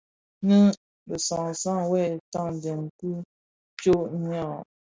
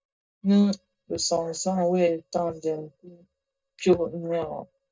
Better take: first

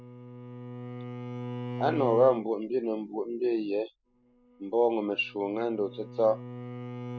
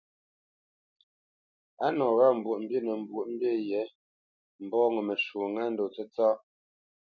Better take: second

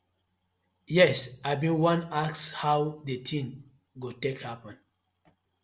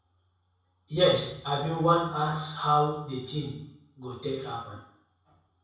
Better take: first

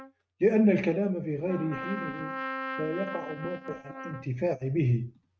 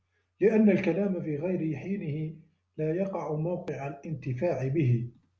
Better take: second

